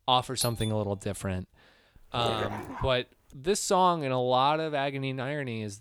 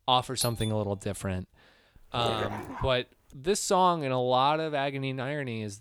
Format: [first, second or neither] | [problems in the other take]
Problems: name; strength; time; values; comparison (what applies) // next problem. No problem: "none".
neither | doorbell; noticeable; at 0.5 s; peak 5 dB below the speech; the same in both // dog barking; noticeable; at 2 s; peak 5 dB below the speech; the same in both